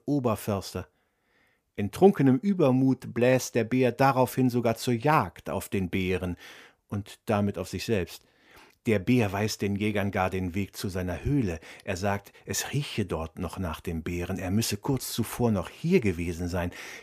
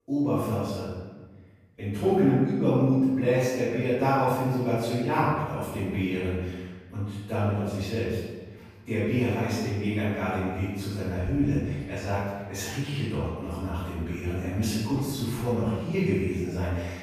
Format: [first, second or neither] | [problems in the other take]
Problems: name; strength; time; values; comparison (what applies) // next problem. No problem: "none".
first | off-mic speech; far // room echo; strong; dies away in 1.2 s